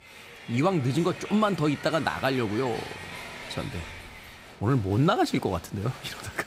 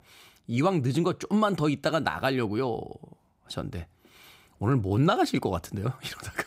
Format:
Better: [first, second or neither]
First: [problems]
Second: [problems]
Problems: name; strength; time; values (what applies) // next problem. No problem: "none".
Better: second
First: crowd noise; noticeable; throughout; 15 dB below the speech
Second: none